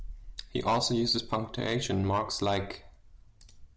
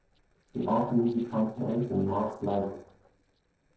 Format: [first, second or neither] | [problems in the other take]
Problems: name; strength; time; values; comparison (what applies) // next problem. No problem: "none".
first | noise reduction (neural separator model SepFormer DNS4)